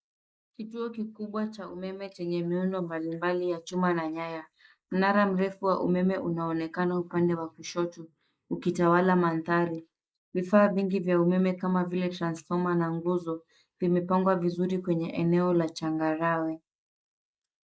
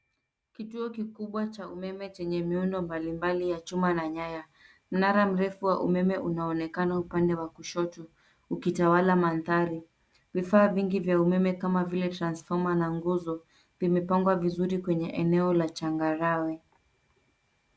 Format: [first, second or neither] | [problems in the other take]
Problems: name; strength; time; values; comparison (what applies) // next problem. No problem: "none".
second | noise reduction (neural mask model Resemble Enhance denoiser)